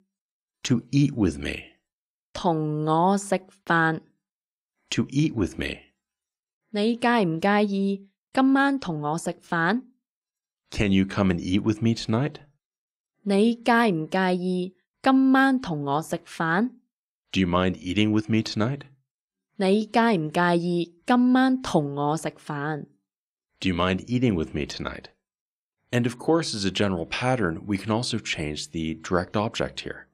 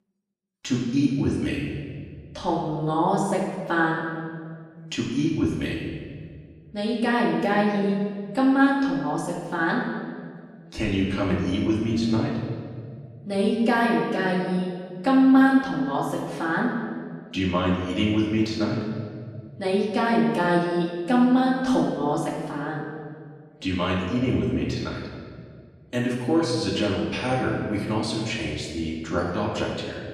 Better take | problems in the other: first | off-mic speech; far // room echo; noticeable; dies away in 1.7 s

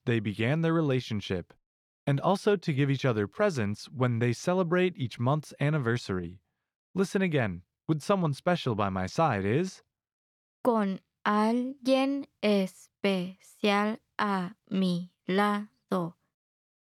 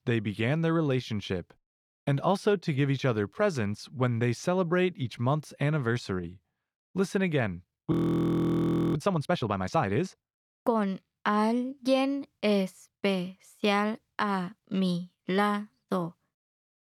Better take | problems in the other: first | audio freezing; at 8 s for 1 s

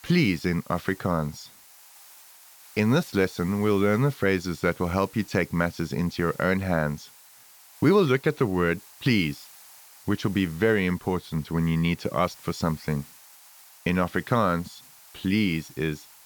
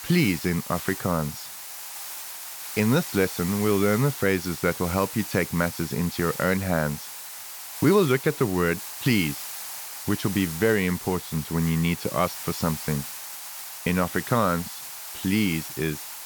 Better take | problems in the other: first | hiss; loud; throughout; 9 dB below the speech; faint in the first

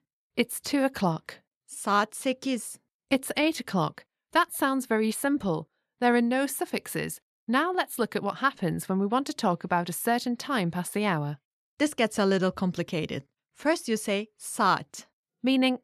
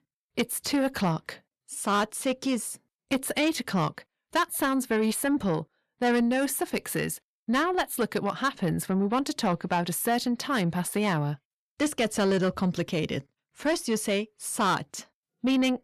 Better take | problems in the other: first | distortion; slight; 10 dB below the speech

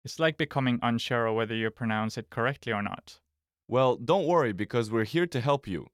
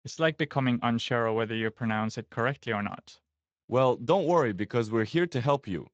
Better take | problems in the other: first | garbled, watery; slightly; nothing above 7.5 kHz

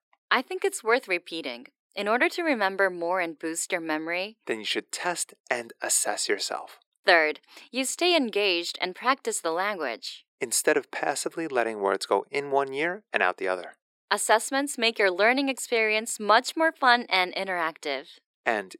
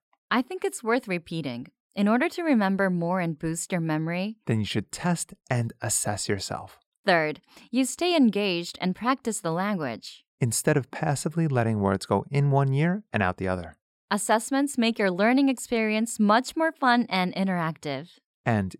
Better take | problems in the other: second | thin; somewhat; fading below 350 Hz

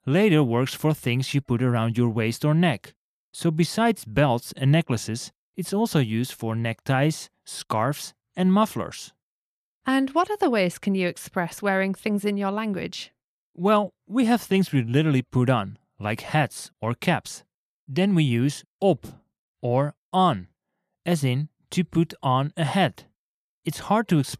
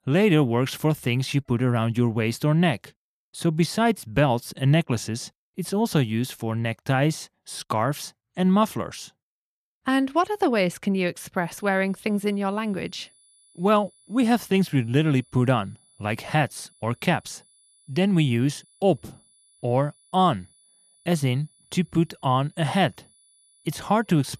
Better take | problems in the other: first | high-pitched whine; faint; from 11 s on; 10 kHz, 30 dB below the speech

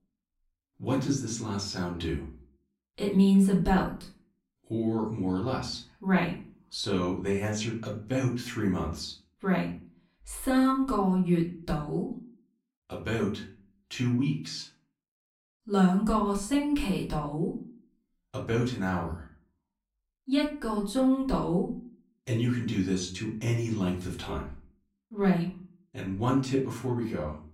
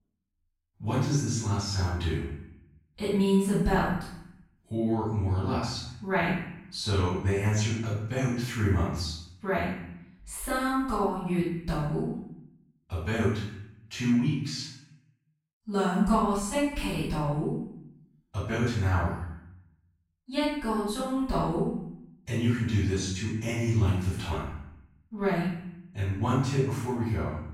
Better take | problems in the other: first | room echo; strong; dies away in 0.7 s; slight in the first // off-mic speech; far; far in the first

